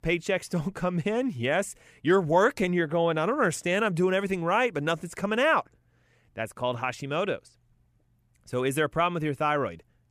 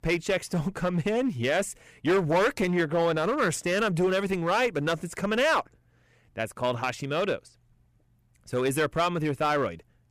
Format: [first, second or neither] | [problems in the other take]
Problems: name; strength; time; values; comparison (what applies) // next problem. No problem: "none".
first | distortion; slight; 8% of the sound clipped